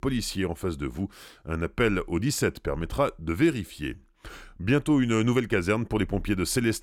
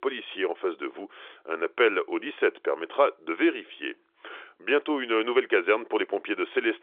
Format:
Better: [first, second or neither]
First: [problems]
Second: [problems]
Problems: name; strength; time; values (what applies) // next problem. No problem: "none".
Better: first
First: none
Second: phone-call audio; nothing above 3.5 kHz